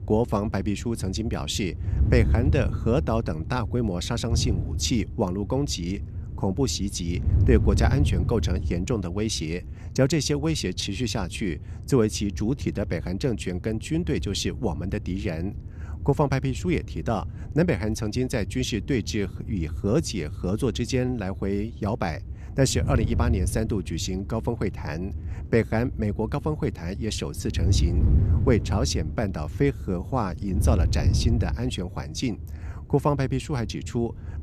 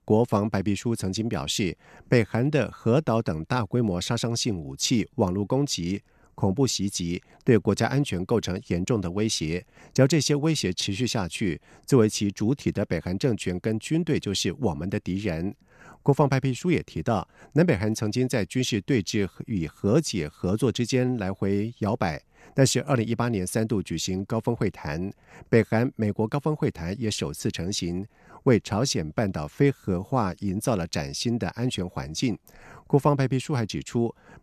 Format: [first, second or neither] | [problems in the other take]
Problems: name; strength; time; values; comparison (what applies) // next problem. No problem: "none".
second | wind noise on the microphone; occasional gusts; 15 dB below the speech